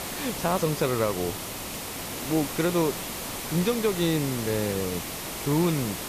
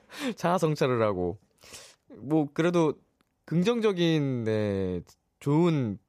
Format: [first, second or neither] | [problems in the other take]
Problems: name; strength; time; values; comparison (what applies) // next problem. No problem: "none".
second | hiss; loud; throughout; 5 dB below the speech